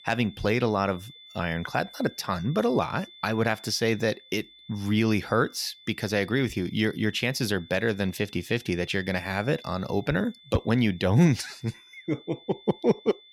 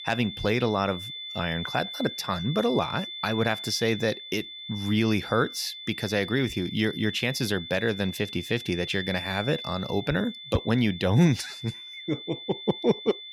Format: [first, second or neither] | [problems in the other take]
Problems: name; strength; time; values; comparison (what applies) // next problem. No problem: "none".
first | high-pitched whine; loud; throughout; 3.5 kHz, 9 dB below the speech; faint in the first